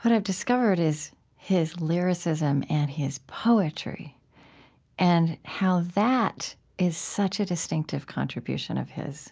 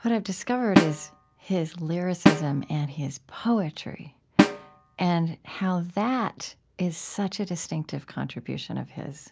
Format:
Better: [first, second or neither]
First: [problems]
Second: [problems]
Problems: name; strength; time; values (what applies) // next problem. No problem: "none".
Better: first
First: none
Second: background sound (Snare drum); 3 dB above the speech